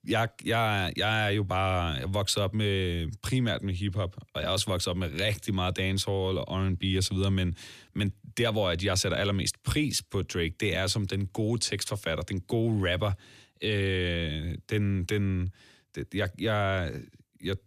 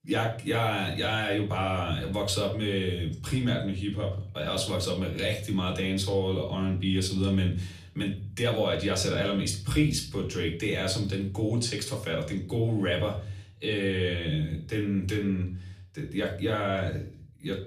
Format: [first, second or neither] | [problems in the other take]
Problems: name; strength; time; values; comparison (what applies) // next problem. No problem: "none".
first | room echo; slight; dies away in 0.4 s // off-mic speech; somewhat distant